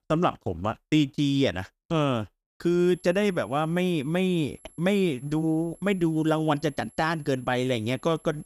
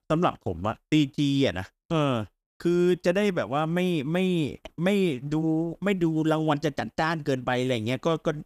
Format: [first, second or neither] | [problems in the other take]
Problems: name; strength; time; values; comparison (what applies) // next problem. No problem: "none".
second | high-pitched whine; faint; from 3 s on; 11 kHz, 30 dB below the speech